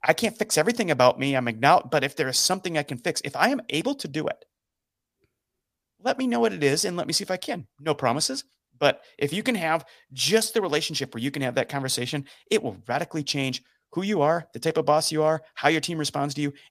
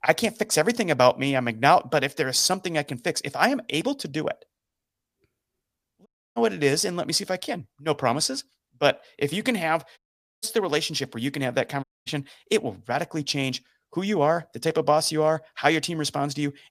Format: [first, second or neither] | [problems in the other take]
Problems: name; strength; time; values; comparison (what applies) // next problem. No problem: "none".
first | audio cutting out; at 6 s, at 10 s and at 12 s